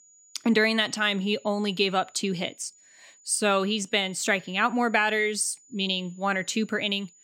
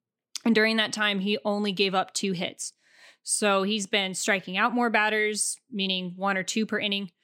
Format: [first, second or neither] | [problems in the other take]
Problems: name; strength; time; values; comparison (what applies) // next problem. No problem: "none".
second | high-pitched whine; faint; throughout; 7 kHz, 30 dB below the speech